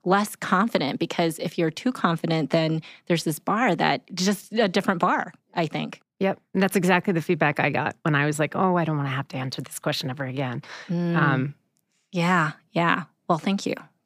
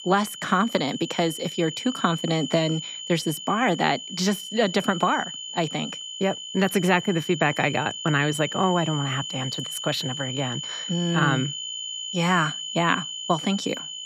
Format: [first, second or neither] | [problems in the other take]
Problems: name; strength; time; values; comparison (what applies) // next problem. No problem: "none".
first | high-pitched whine; loud; throughout; 3 kHz, 7 dB below the speech